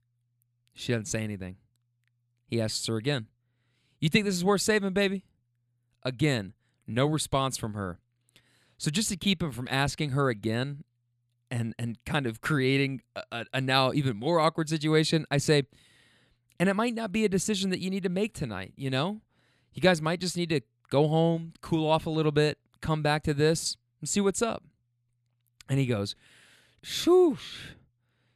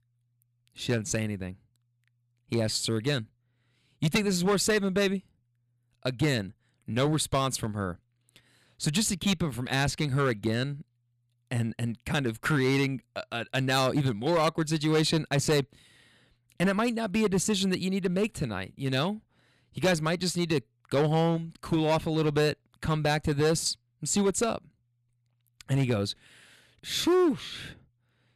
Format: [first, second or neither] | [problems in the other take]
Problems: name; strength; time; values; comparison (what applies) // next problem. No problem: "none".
first | distortion; slight; 5% of the sound clipped